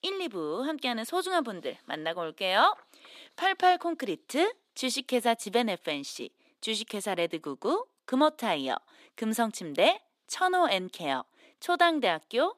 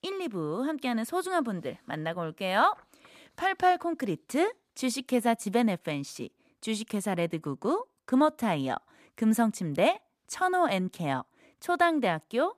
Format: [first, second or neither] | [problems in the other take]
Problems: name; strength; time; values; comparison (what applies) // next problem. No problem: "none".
second | thin; very slightly; fading below 350 Hz